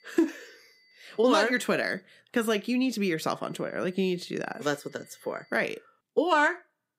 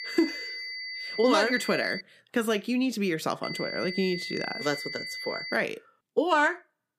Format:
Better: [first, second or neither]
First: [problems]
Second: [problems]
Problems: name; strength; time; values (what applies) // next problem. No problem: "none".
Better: first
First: high-pitched whine; faint; until 2 s and from 3.5 to 5.5 s; 2 kHz, 30 dB below the speech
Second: high-pitched whine; loud; until 2 s and from 3.5 to 5.5 s; 2 kHz, 7 dB below the speech